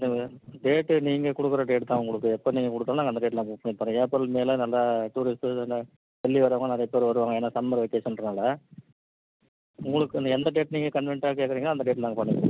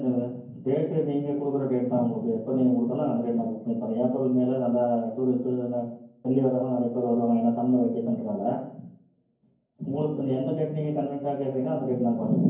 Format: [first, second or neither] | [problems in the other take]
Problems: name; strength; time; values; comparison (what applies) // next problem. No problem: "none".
first | room echo; dies away in 0.9 s